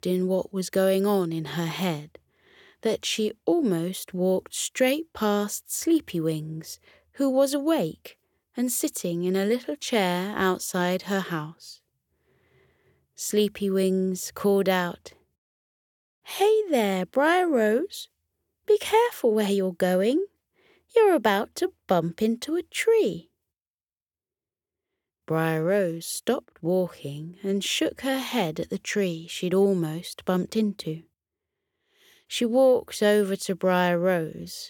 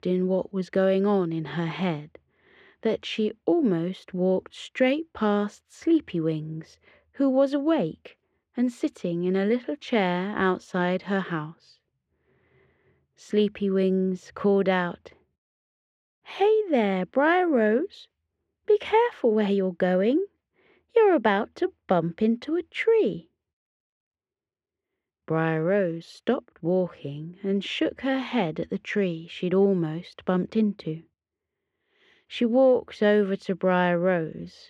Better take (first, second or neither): first